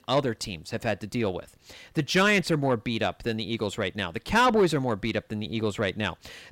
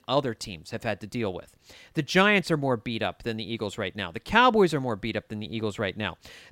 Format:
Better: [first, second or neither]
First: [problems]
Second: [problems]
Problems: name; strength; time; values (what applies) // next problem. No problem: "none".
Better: second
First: distortion; slight; 10 dB below the speech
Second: none